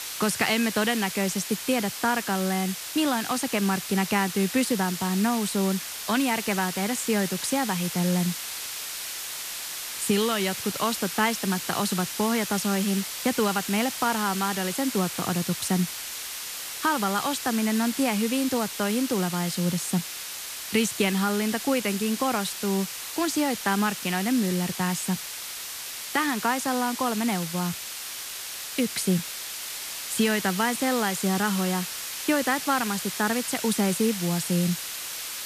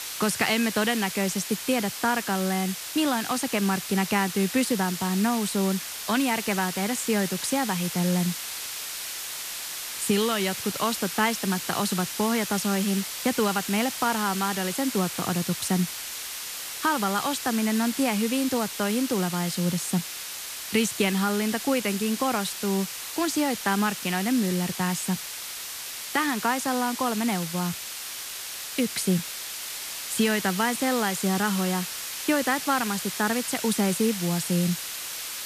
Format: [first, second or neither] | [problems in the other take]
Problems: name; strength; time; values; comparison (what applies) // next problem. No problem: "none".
neither | hiss; loud; throughout; 6 dB below the speech; the same in both